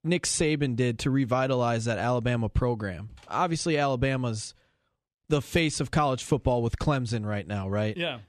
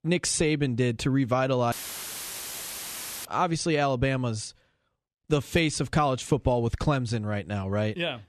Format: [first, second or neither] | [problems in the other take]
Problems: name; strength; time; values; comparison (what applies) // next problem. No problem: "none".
first | audio cutting out; filled with static; at 1.5 s for 1.5 s